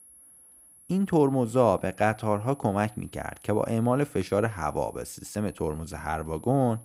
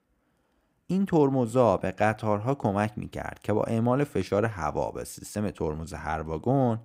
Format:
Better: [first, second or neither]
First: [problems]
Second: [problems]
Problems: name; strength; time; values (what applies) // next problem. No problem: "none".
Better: second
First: high-pitched whine; faint; throughout; 10 kHz, 25 dB below the speech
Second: none